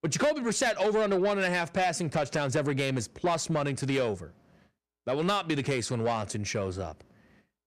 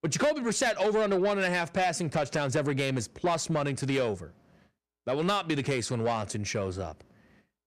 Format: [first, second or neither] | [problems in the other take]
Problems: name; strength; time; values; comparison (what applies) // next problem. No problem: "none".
neither | distortion; slight; 10 dB below the speech; the same in both